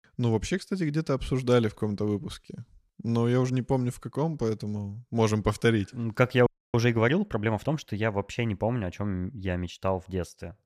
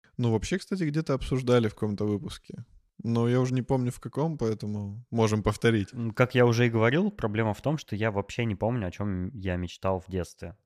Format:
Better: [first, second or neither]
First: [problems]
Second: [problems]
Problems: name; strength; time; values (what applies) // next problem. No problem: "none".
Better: second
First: audio freezing; at 6.5 s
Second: none